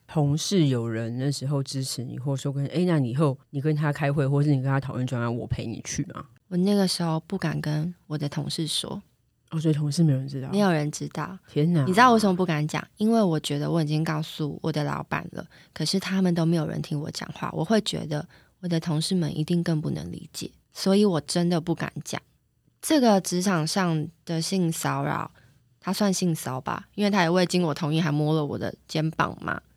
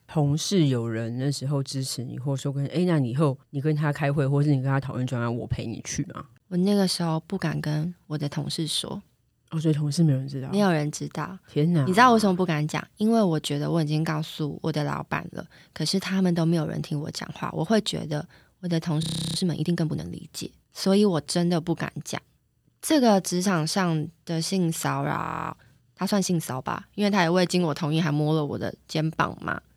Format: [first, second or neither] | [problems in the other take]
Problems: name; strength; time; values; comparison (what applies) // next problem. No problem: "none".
first | audio freezing; at 19 s and at 25 s